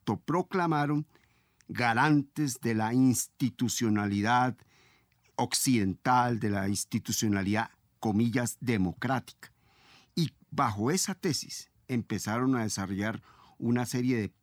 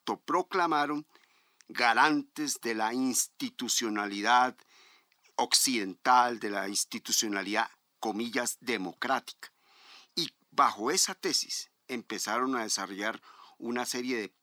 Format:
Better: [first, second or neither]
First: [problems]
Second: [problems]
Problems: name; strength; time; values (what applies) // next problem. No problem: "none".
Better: first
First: none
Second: thin; somewhat; fading below 350 Hz